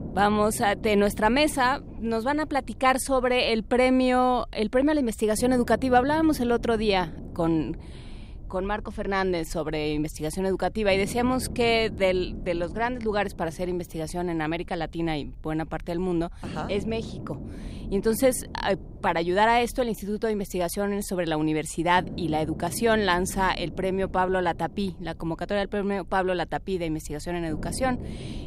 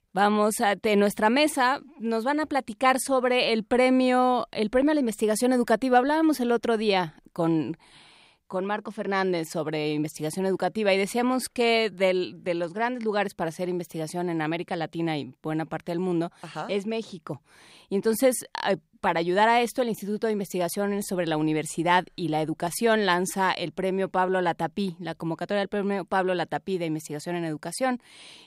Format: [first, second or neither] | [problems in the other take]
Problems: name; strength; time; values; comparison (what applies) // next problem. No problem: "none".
second | low rumble; faint; throughout; 20 dB below the speech